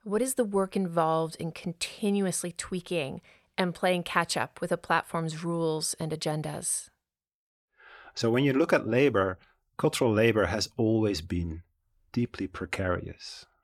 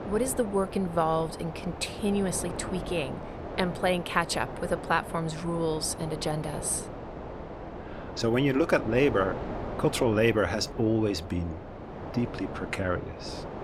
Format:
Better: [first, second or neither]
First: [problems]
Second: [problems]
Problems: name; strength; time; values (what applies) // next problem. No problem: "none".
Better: first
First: none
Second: wind noise on the microphone; occasional gusts; 10 dB below the speech